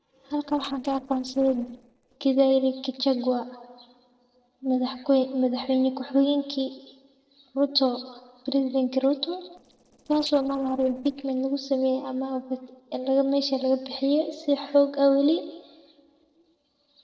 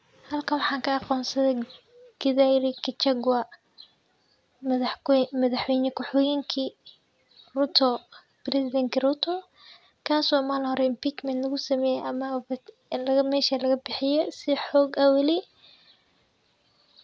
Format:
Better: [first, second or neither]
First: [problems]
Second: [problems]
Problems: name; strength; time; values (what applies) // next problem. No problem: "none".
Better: second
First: noise reduction (neural separator model SepFormer DNS4)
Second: none